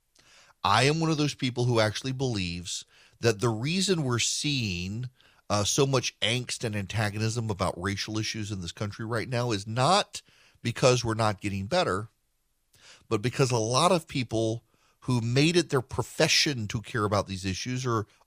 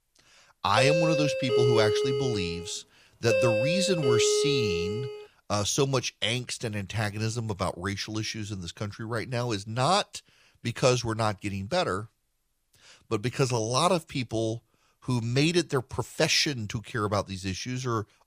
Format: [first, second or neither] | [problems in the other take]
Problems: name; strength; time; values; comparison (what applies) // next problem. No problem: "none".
first | doorbell; loud; from 1 to 5 s; peak 4 dB above the speech